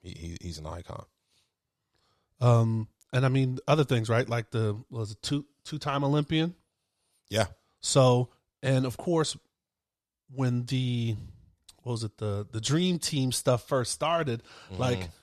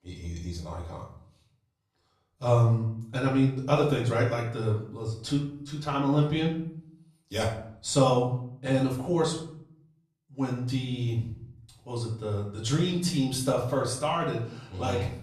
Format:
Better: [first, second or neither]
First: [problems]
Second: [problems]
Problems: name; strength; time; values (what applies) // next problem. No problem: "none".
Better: first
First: none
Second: off-mic speech; far // room echo; slight; dies away in 0.6 s